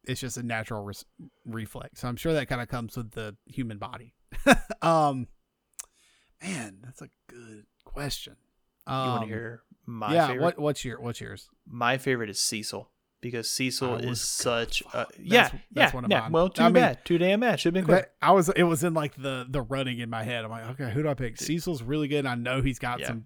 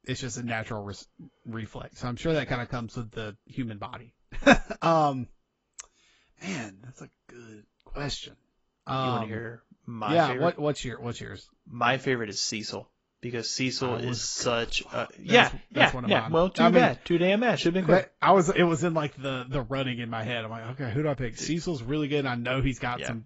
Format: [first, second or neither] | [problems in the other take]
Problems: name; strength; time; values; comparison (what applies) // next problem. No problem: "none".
first | garbled, watery; badly; nothing above 7.5 kHz